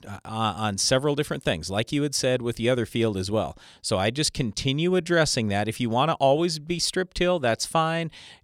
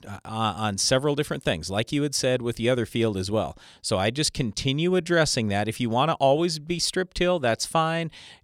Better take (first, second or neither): neither